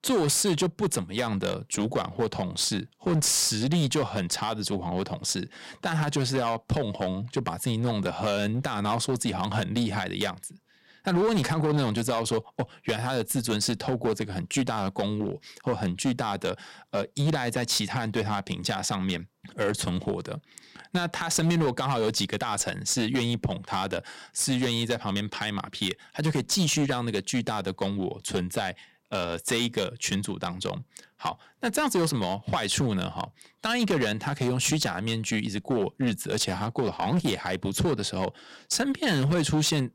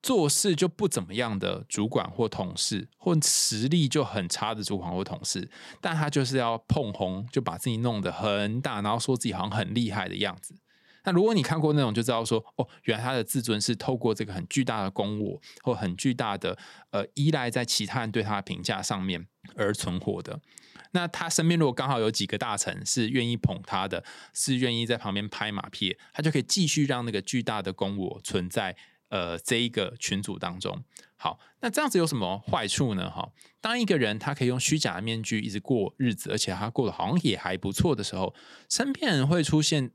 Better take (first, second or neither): second